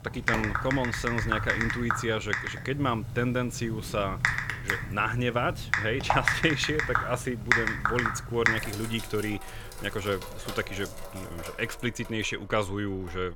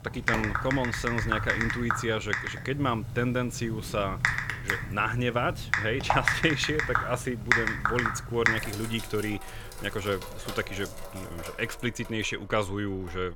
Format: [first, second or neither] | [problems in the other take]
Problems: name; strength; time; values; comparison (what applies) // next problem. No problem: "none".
neither | household noises; very loud; throughout; as loud as the speech; the same in both